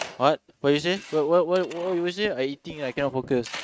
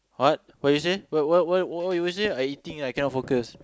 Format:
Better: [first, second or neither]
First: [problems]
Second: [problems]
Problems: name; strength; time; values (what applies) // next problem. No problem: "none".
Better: second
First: noise reduction (neural mask model RNNoise)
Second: none